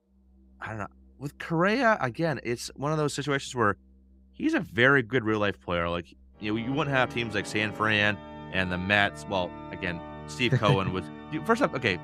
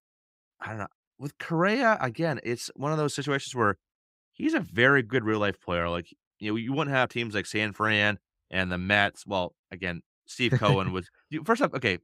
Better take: second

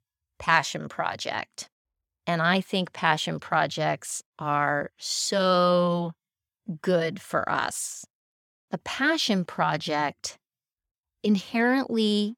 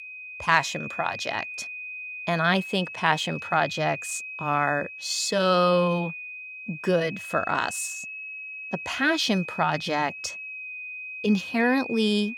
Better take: first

